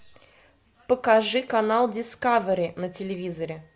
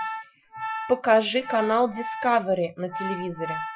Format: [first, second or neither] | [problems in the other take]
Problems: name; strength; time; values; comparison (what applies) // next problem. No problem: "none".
first | noise reduction (classical method Wiener filter)